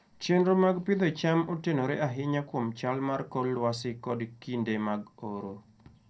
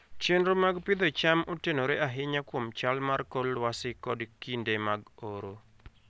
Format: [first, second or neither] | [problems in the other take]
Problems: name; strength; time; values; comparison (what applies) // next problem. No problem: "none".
second | room echo; dies away in 0.2 s